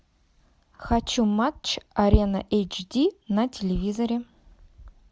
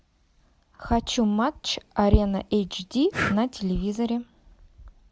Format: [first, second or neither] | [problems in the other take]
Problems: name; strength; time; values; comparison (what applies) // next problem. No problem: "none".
first | background sound (Breathing); 11 dB below the speech